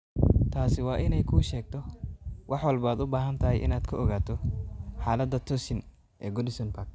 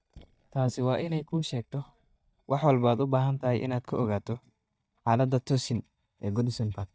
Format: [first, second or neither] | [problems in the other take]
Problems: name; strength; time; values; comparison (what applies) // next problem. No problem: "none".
first | noise reduction (neural mask model DeepFilterNet 3)